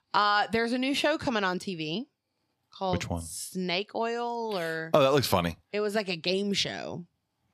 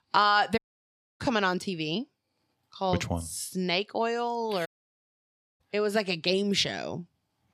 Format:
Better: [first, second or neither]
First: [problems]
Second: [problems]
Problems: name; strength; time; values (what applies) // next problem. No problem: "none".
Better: first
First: none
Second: audio cutting out; at 0.5 s for 0.5 s and at 4.5 s for 1 s